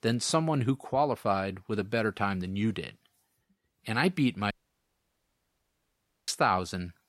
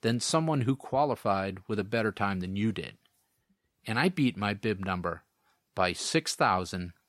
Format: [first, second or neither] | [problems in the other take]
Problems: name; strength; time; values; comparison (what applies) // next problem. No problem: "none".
second | audio cutting out; at 4.5 s for 2 s